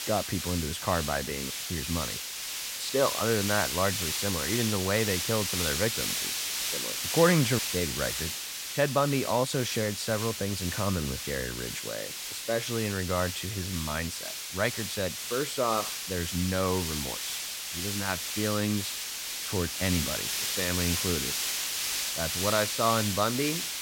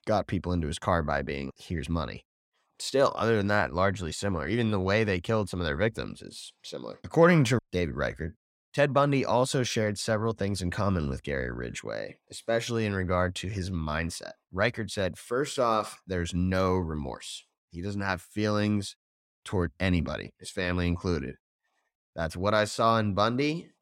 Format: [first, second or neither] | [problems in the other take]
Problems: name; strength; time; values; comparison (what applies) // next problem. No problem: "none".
second | hiss; loud; throughout; 1 dB below the speech